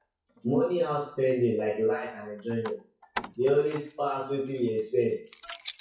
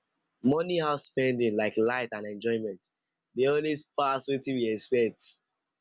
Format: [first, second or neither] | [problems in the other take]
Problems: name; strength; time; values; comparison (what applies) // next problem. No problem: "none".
second | noise reduction (classical method WPE with log-MMSE)